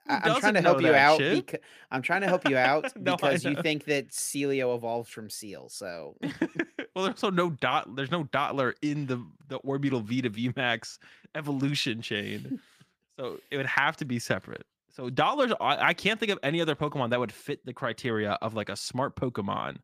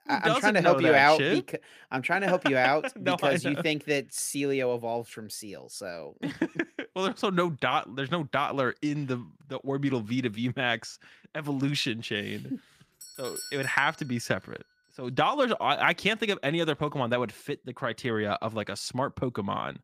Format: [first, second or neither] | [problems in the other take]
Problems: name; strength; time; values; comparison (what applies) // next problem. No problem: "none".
first | doorbell; faint; at 13 s; peak 10 dB below the speech